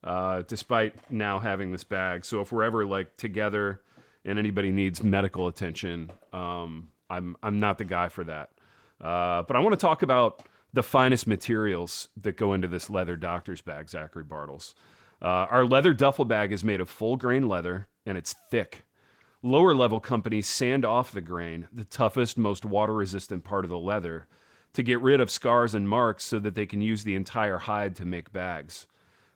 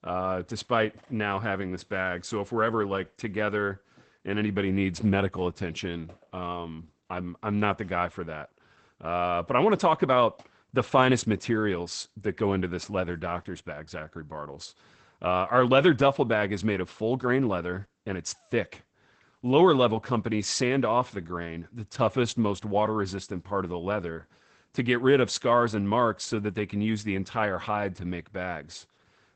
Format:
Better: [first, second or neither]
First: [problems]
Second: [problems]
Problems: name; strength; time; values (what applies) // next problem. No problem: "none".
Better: first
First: garbled, watery; slightly; nothing above 17 kHz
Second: garbled, watery; badly; nothing above 8 kHz